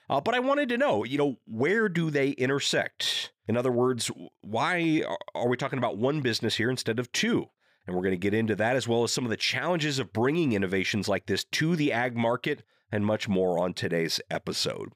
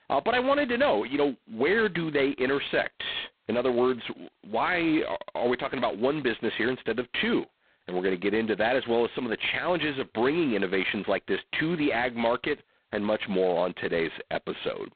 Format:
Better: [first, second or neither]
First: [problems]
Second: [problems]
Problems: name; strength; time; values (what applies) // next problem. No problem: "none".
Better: first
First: none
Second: phone-call audio; poor line; nothing above 4 kHz